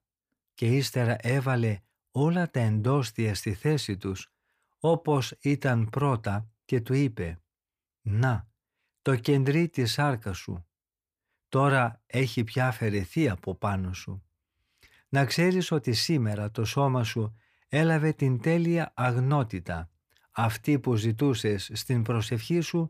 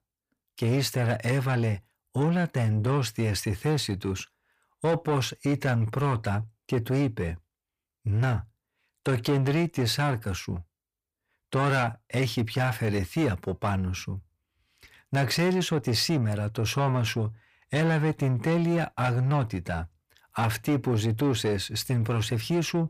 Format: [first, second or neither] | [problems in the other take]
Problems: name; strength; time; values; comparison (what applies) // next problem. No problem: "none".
first | distortion; slight; 10 dB below the speech